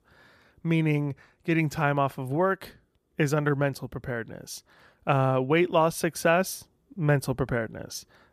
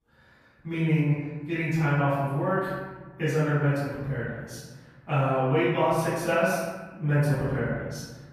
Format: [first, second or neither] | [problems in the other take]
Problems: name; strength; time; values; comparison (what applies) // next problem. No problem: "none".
first | off-mic speech; far // room echo; strong; dies away in 1.2 s